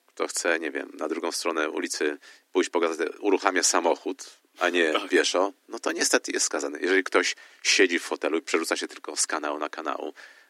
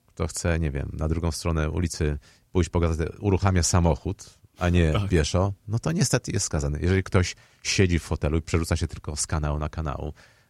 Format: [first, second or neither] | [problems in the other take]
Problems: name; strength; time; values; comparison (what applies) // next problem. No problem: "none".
second | thin; very; fading below 250 Hz